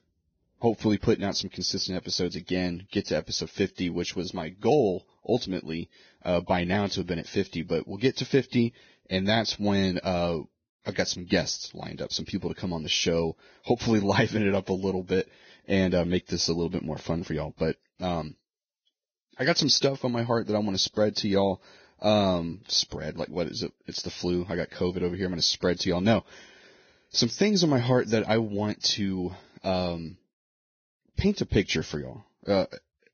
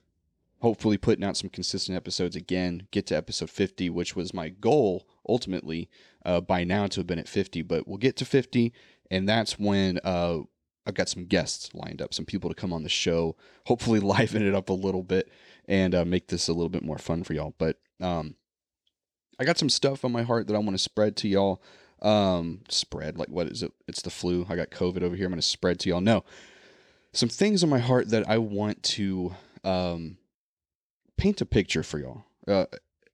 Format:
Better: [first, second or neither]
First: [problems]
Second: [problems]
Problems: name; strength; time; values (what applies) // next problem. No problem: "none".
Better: second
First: garbled, watery; badly; nothing above 6.5 kHz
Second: none